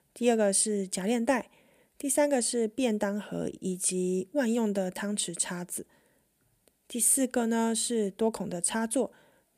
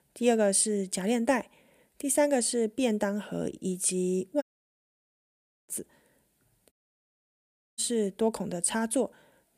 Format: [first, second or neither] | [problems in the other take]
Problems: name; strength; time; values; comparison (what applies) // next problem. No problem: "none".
first | audio cutting out; at 4.5 s for 1.5 s and at 6.5 s for 1 s